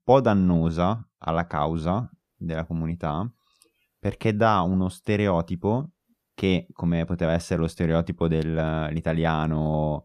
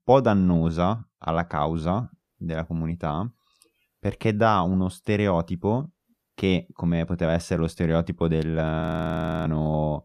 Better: first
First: none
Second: audio freezing; at 9 s for 0.5 s

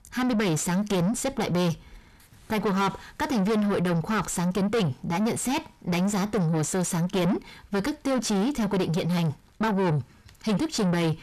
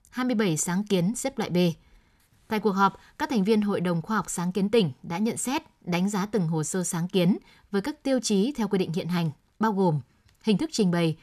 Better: second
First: distortion; heavy; 7 dB below the speech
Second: none

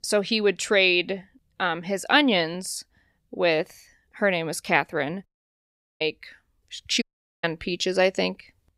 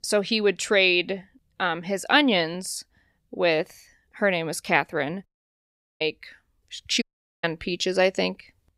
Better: neither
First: audio cutting out; at 5.5 s for 0.5 s and at 7 s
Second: audio cutting out; at 5.5 s for 0.5 s and at 7 s

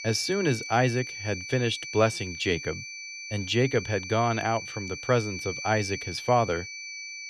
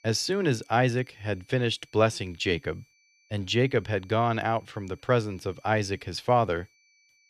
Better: second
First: high-pitched whine; loud; throughout; 2.5 kHz, 8 dB below the speech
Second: high-pitched whine; faint; throughout; 2.5 kHz, 35 dB below the speech

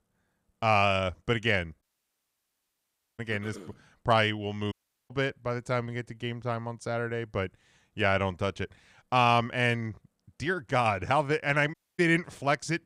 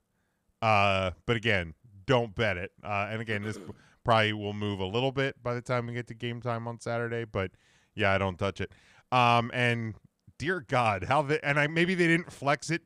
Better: second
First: audio cutting out; at 2 s for 1.5 s, at 4.5 s and at 12 s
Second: none

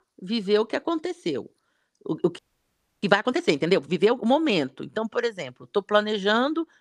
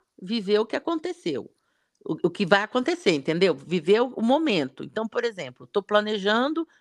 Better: second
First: audio freezing; at 2.5 s for 0.5 s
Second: none

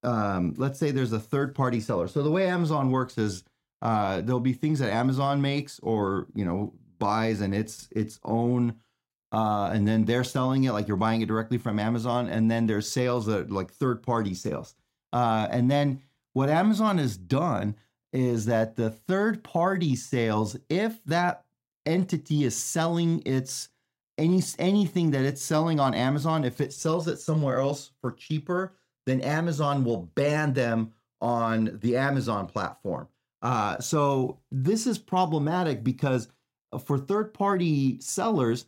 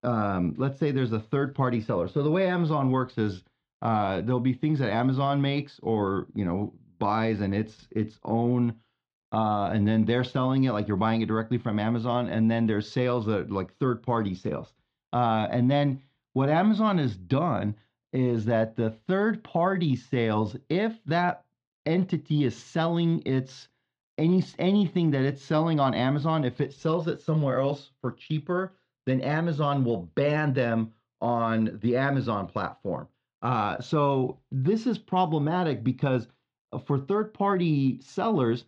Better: first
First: none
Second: muffled; slightly; fading above 4 kHz

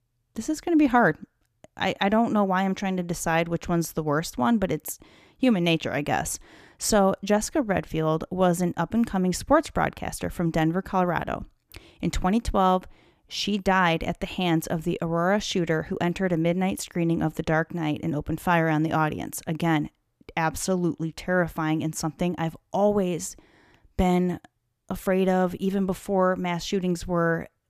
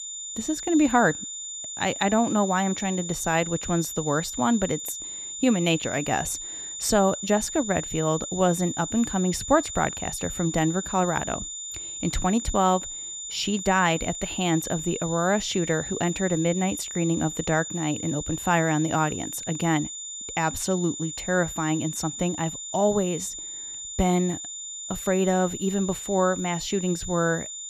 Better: first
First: none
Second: high-pitched whine; loud; throughout; 7 kHz, 7 dB below the speech

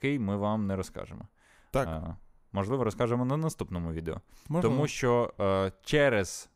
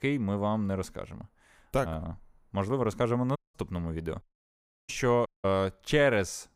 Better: first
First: none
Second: audio cutting out; at 3.5 s, at 4 s for 0.5 s and at 5.5 s

